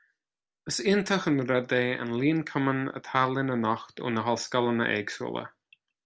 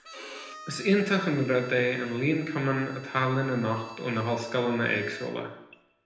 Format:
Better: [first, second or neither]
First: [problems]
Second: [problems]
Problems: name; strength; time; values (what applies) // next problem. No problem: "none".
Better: first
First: none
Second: background sound (Bowed string instrument); 19 dB below the speech // room echo; dies away in 0.8 s